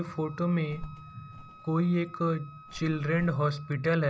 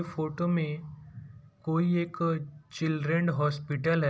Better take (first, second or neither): second